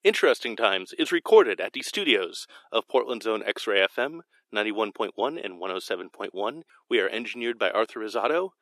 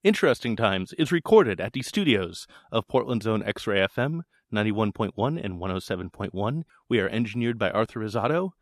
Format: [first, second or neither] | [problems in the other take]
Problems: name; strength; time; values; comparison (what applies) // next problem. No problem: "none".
second | thin; somewhat; fading below 350 Hz